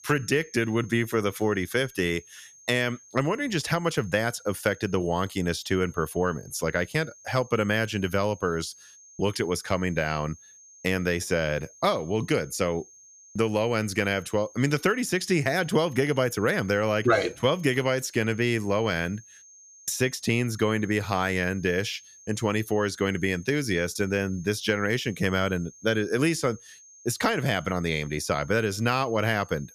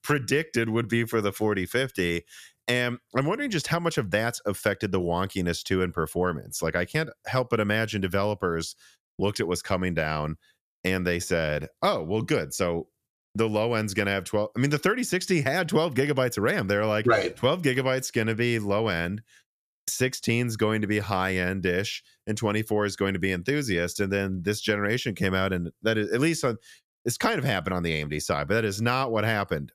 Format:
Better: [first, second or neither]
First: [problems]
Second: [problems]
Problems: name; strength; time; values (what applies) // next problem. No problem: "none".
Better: second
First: high-pitched whine; faint; throughout; 6.5 kHz, 25 dB below the speech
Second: none